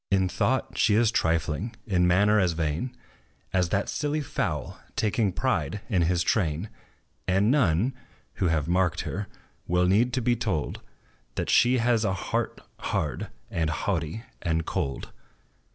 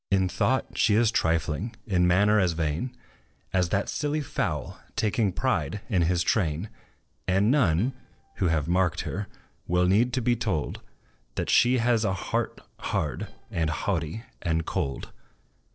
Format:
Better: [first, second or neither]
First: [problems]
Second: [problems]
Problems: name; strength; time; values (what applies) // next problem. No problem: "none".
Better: first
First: none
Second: noise reduction (neural separator model SepFormer DNS4)